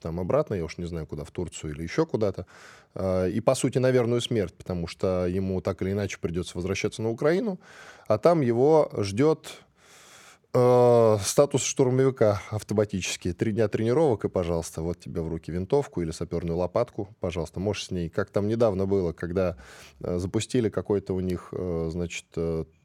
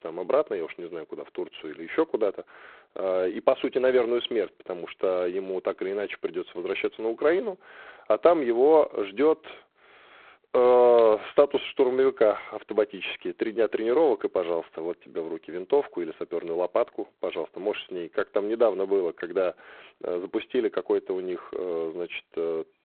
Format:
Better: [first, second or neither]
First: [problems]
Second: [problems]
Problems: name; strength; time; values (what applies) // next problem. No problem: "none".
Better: first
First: none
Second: phone-call audio; poor line